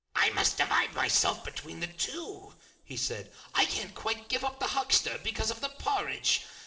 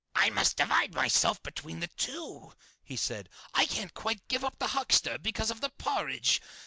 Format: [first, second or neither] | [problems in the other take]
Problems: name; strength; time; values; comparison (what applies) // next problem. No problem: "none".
second | room echo; dies away in 2.6 s